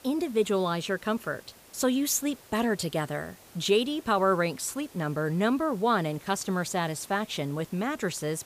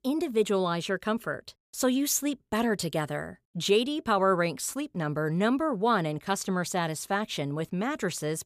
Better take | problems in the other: second | hiss; faint; throughout; 25 dB below the speech

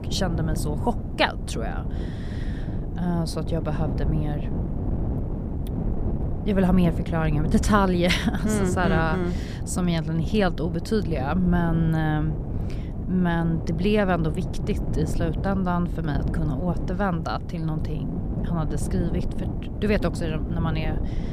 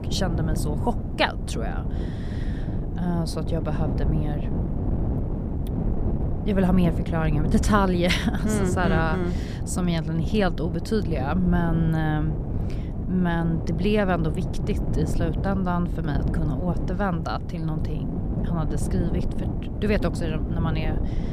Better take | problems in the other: first | wind noise on the microphone; heavy; 8 dB below the speech; occasional gusts in the first

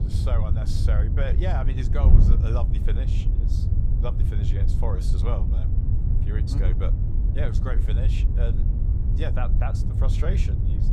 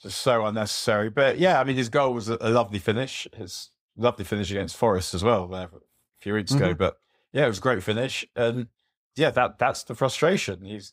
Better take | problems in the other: second | wind noise on the microphone; heavy; 3 dB below the speech

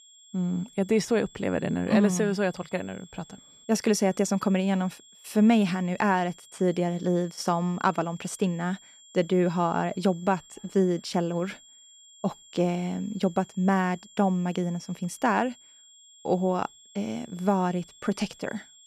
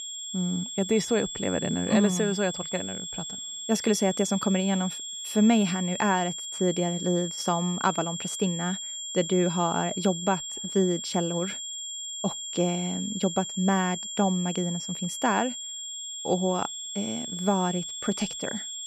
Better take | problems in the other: first | high-pitched whine; loud; throughout; 3.5 kHz, 6 dB below the speech; faint in the first

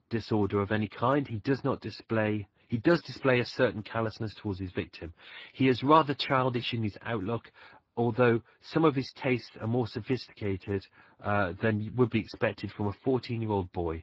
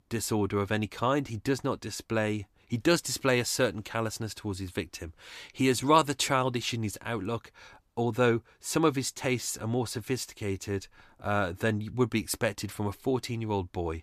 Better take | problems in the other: second | garbled, watery; badly

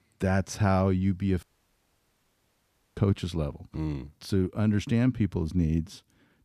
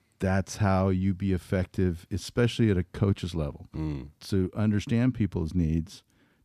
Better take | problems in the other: second | audio cutting out; at 1.5 s for 1.5 s

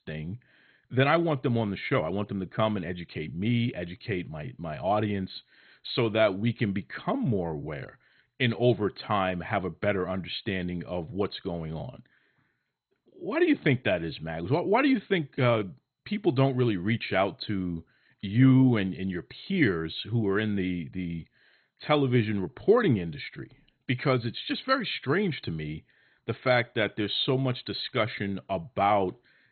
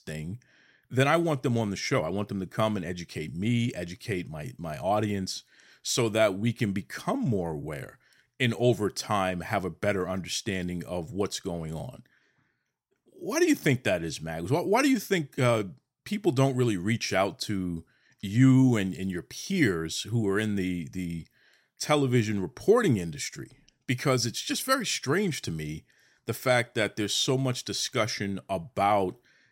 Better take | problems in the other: second | garbled, watery; badly; nothing above 4 kHz

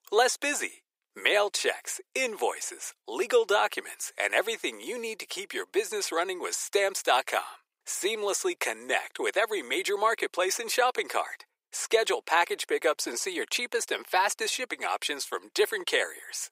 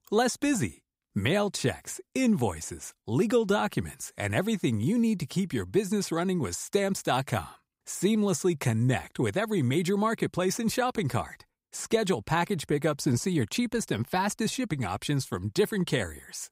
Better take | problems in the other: second | thin; very; fading below 400 Hz

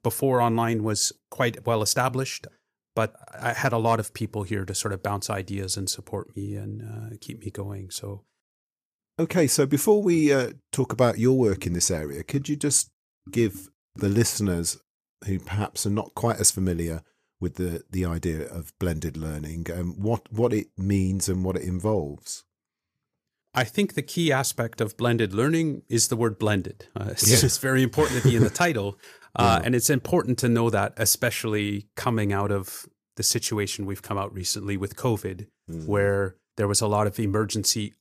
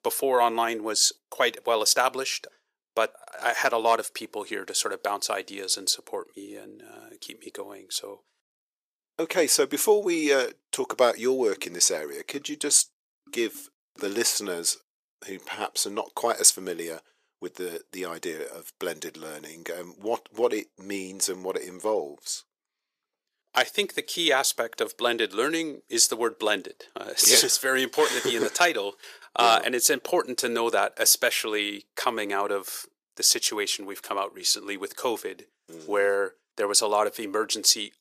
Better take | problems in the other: first | thin; very; fading below 400 Hz

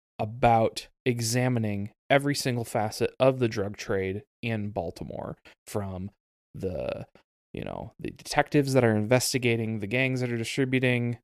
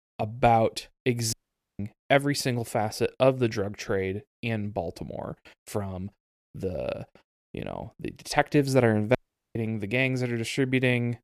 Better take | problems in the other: first | audio cutting out; at 1.5 s and at 9 s

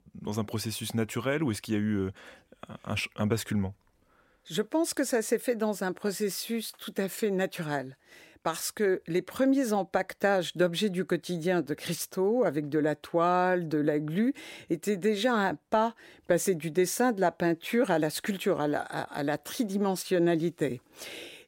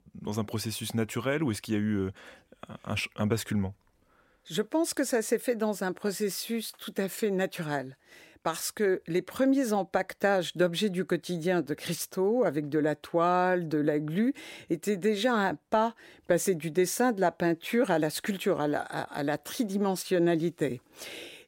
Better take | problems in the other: neither | none

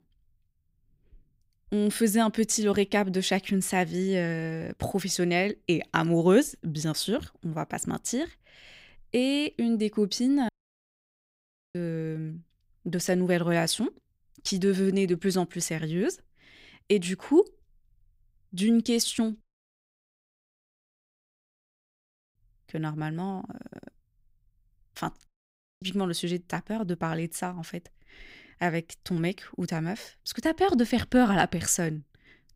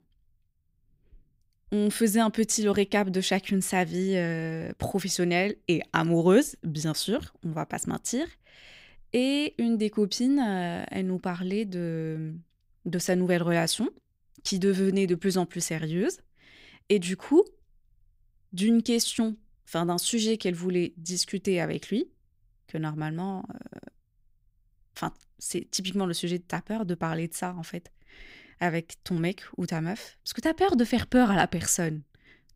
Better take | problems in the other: second | audio cutting out; at 10 s for 1.5 s, at 19 s for 3 s and at 25 s for 0.5 s

